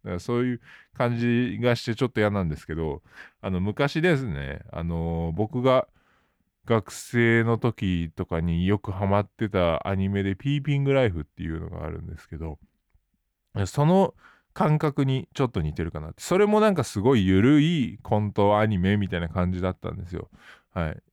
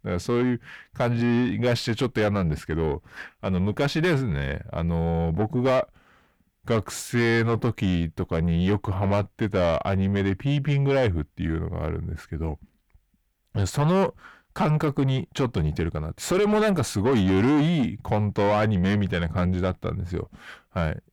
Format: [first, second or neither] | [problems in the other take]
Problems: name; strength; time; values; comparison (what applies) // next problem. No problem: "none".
first | distortion; heavy; 7 dB below the speech